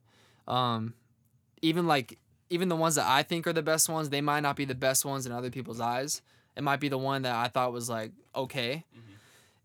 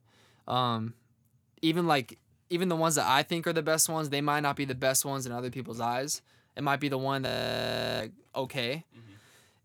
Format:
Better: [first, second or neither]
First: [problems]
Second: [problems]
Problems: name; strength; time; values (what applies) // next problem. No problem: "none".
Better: first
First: none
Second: audio freezing; at 7.5 s for 0.5 s